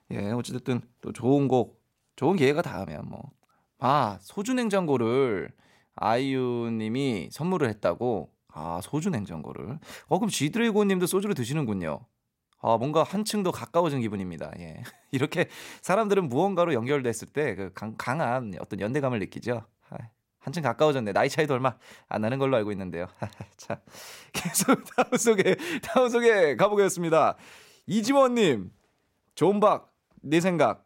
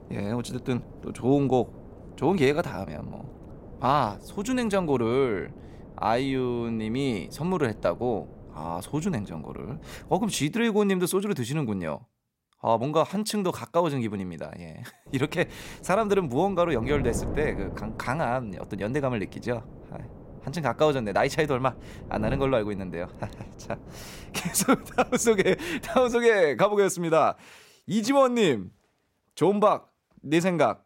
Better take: first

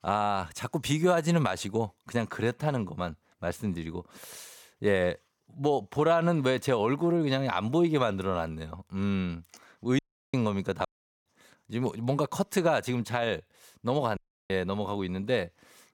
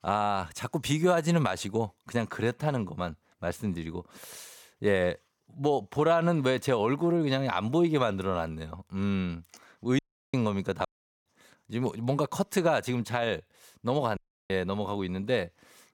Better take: neither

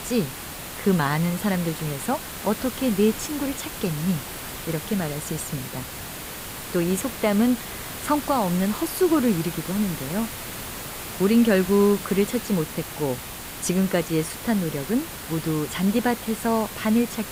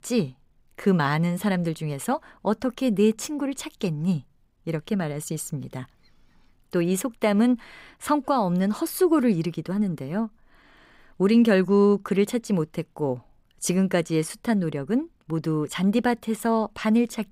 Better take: second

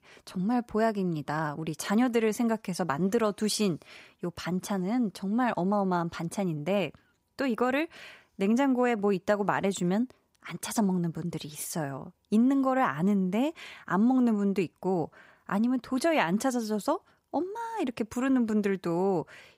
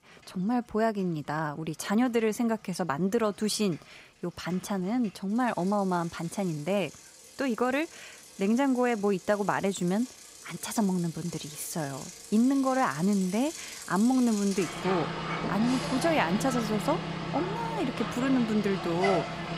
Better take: first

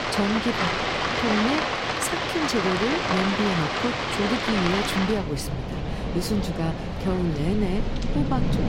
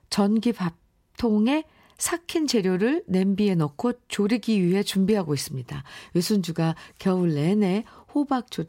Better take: second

